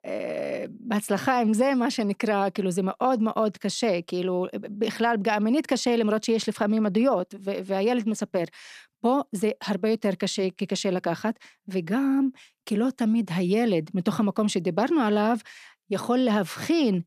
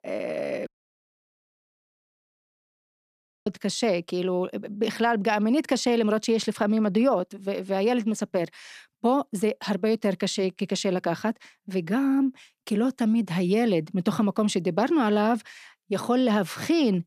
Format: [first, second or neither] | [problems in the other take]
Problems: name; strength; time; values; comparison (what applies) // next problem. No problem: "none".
first | audio cutting out; at 0.5 s for 3 s